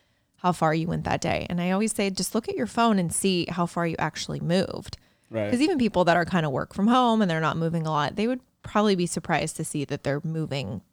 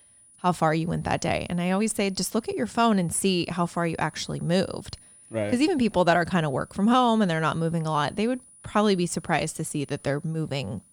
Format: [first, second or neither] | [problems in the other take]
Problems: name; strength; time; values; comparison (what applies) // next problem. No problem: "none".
first | high-pitched whine; faint; throughout; 9.5 kHz, 25 dB below the speech